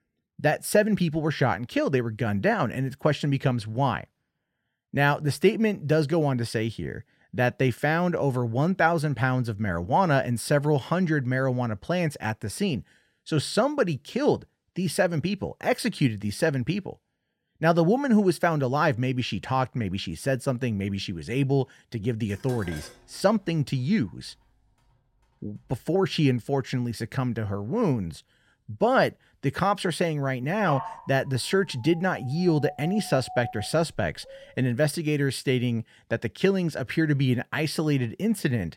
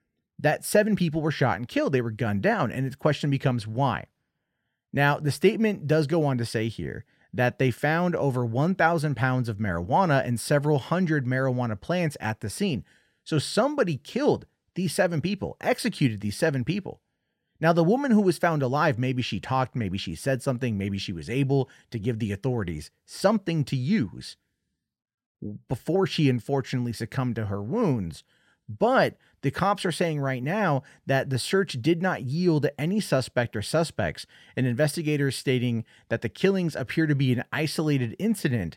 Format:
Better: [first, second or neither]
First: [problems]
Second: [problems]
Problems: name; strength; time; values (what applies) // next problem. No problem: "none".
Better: second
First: clattering dishes; faint; from 22 to 26 s; peak 15 dB below the speech // dog barking; noticeable; from 31 to 34 s; peak 8 dB below the speech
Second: none